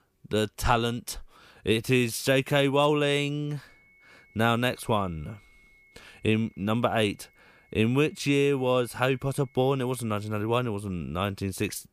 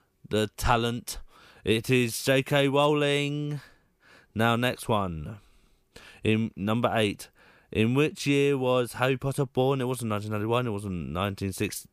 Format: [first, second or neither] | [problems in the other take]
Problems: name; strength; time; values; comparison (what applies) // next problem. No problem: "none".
second | high-pitched whine; faint; from 3.5 to 11 s; 2 kHz, 30 dB below the speech